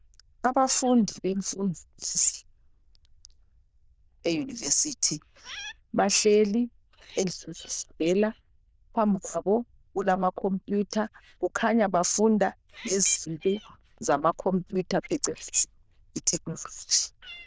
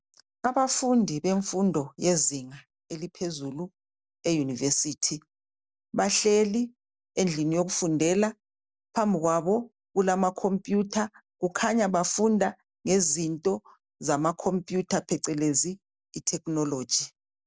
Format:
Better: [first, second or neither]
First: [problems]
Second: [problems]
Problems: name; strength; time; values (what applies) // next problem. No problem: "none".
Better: second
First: noise reduction (neural diffusion model UNIVERSE++)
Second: none